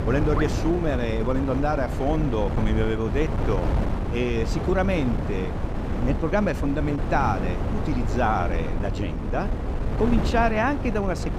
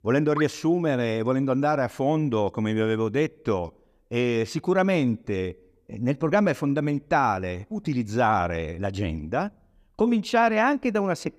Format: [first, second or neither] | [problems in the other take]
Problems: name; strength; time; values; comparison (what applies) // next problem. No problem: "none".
second | wind noise on the microphone; heavy; 7 dB below the speech